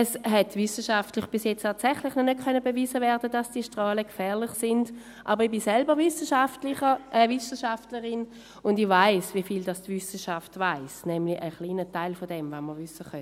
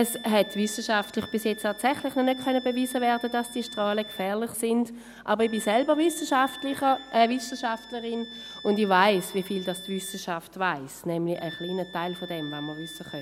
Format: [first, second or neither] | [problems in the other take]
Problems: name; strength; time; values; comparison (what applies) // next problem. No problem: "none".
first | background sound (Wind instrument, woodwind instrument); 17 dB below the speech